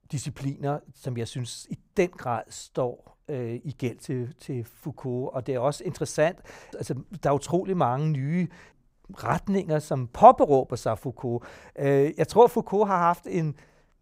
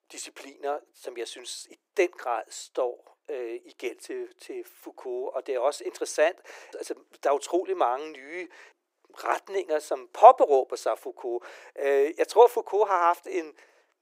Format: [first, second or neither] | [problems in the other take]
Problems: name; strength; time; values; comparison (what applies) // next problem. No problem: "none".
first | thin; very; fading below 350 Hz